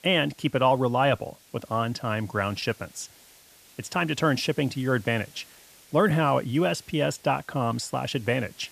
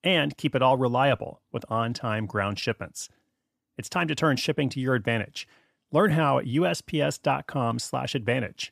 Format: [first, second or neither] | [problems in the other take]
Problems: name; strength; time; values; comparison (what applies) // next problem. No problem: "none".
second | hiss; faint; throughout; 25 dB below the speech